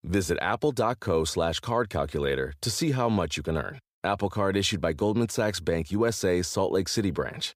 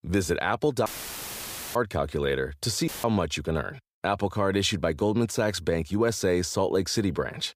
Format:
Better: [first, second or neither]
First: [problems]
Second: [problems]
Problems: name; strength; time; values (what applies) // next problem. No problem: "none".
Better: first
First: none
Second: audio cutting out; filled with static; at 1 s for 1 s and at 3 s